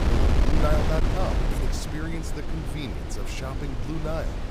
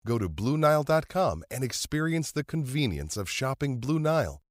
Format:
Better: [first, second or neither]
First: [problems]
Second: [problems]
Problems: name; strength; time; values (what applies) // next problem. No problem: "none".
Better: second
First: wind noise on the microphone; heavy; as loud as the speech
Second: none